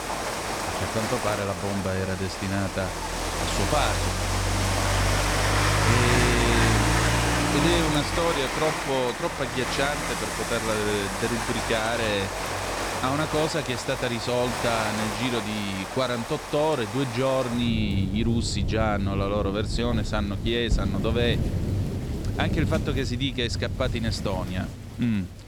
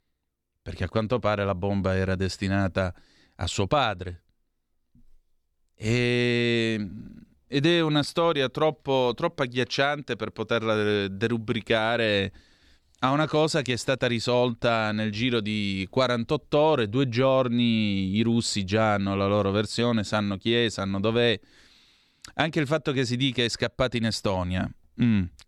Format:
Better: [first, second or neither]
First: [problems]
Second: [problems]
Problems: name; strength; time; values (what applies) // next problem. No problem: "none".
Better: second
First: rain or running water; very loud; throughout; as loud as the speech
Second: none